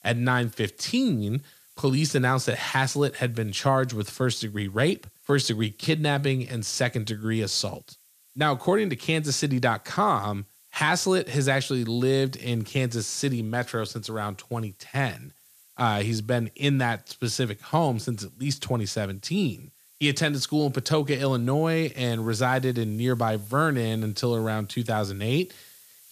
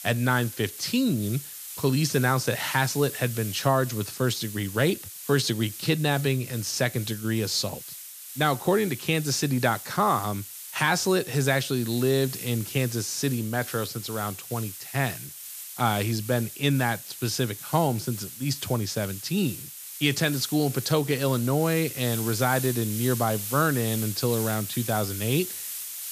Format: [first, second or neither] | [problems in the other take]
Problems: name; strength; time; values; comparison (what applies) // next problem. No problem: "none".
first | hiss; loud; throughout; 9 dB below the speech; faint in the first